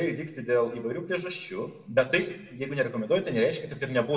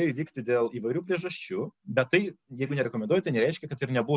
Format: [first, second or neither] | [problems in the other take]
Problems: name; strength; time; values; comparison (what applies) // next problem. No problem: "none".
second | room echo; dies away in 0.9 s